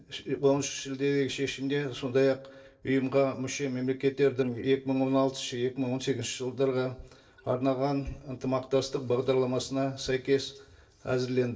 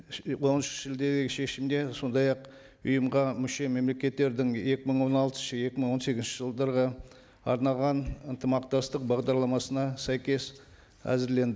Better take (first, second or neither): second